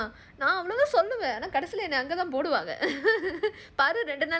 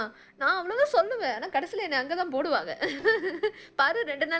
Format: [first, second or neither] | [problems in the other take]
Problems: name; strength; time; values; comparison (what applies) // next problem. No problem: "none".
first | noise reduction (neural separator model SepFormer DNS4)